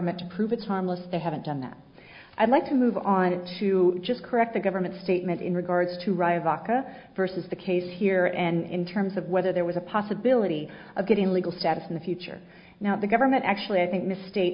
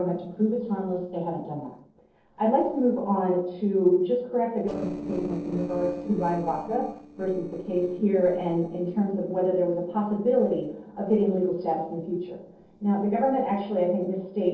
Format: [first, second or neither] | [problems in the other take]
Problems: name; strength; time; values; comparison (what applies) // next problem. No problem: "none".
first | noise reduction (neural separator model SepFormer DNS4)